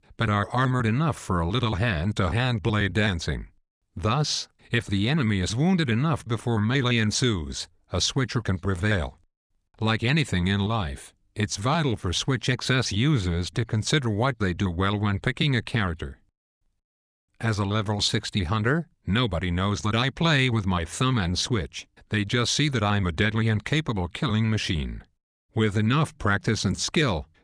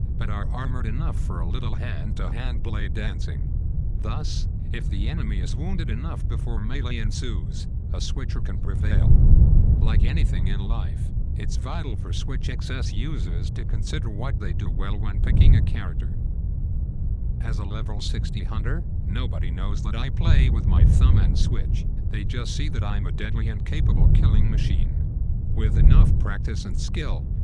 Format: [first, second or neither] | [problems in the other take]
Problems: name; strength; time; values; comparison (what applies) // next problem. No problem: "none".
first | wind noise on the microphone; heavy; 3 dB below the speech